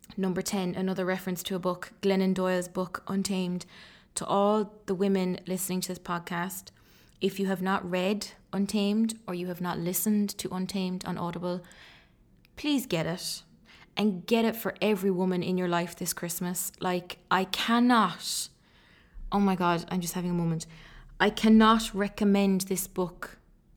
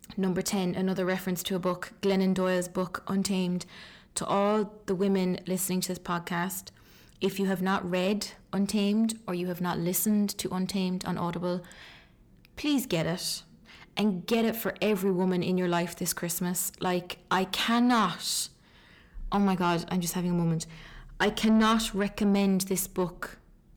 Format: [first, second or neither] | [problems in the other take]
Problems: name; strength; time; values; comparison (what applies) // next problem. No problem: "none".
first | distortion; slight; 10 dB below the speech